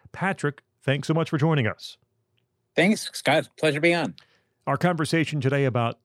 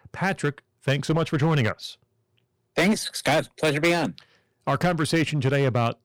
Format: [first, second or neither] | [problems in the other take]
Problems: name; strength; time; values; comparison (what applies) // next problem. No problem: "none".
first | distortion; slight; 9% of the sound clipped